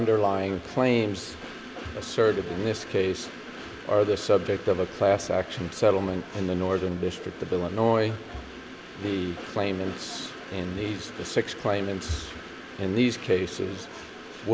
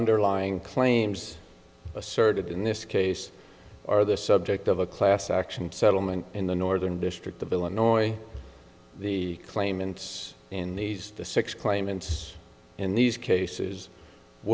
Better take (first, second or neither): second